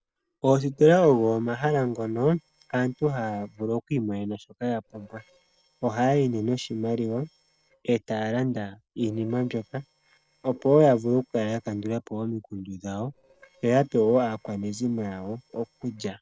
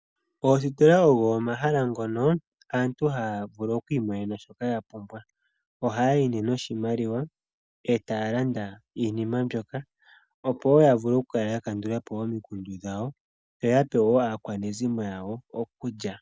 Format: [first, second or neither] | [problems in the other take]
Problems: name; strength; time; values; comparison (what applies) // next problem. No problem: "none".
second | noise reduction (neural separator model SepFormer DNS4)